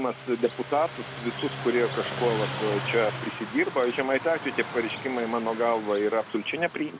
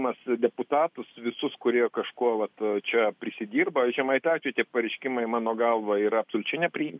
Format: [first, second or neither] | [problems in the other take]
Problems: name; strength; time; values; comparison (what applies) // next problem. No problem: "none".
second | background sound (Car passing by); 9 dB below the speech